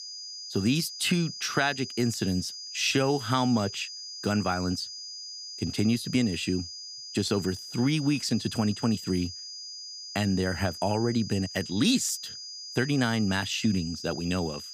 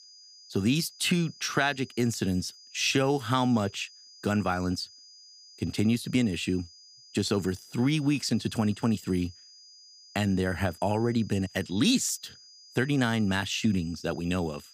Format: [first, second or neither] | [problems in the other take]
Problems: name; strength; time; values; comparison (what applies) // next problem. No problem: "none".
second | high-pitched whine; loud; throughout; 5 kHz, 10 dB below the speech; faint in the second